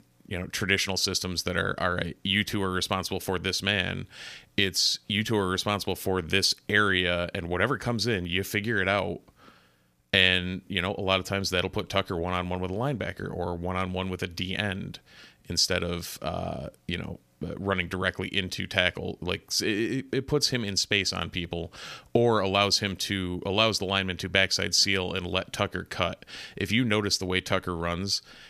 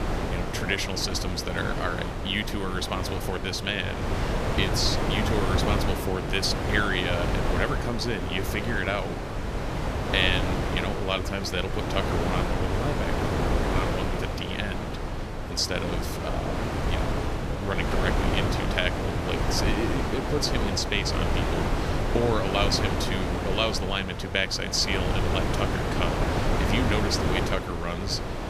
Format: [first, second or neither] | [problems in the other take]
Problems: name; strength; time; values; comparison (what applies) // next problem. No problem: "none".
first | wind noise on the microphone; heavy; 2 dB below the speech